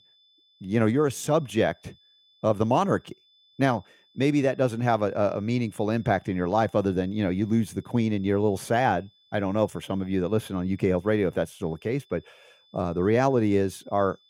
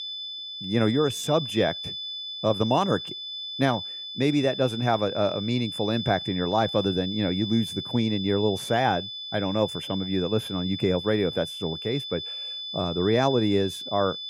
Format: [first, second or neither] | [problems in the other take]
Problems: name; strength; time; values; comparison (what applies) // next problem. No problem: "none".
first | high-pitched whine; loud; throughout; 3.5 kHz, 7 dB below the speech; faint in the first